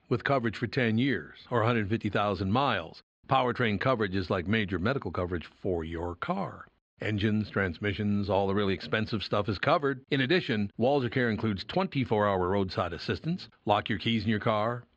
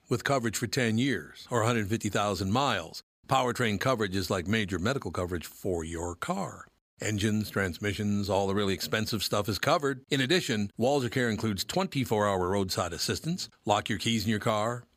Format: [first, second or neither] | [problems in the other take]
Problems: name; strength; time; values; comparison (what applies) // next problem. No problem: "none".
second | muffled; slightly; fading above 3.5 kHz